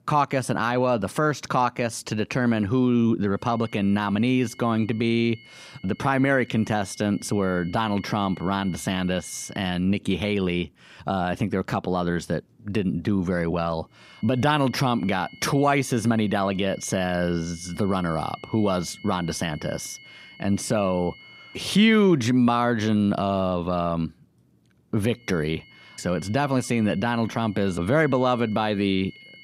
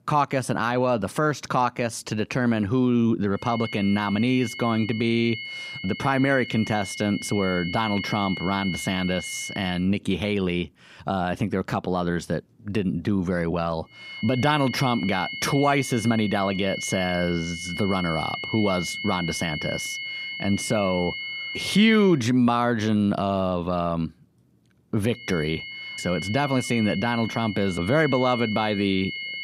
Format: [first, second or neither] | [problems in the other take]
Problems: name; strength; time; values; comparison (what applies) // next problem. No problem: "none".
first | high-pitched whine; loud; from 3.5 to 9.5 s, from 14 to 22 s and from 25 s on; 2 kHz, 8 dB below the speech; faint in the first